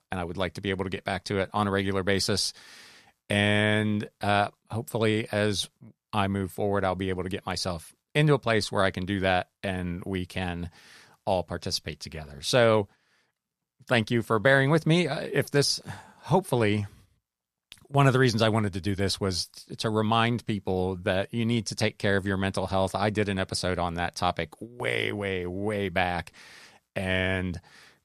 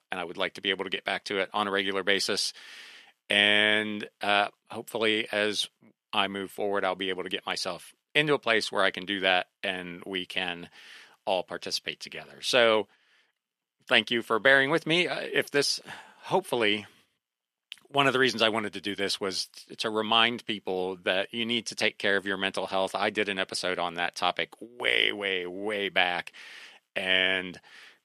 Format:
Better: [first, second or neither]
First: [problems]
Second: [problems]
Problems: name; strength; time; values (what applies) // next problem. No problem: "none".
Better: first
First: none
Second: thin; somewhat; fading below 300 Hz